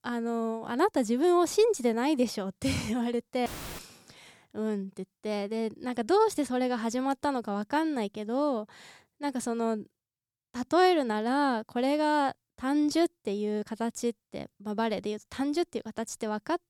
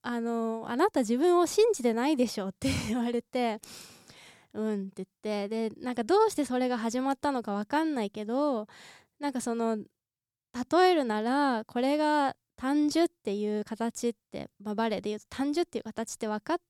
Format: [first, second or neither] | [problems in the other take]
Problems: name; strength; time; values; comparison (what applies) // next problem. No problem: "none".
second | audio cutting out; filled with static; at 3.5 s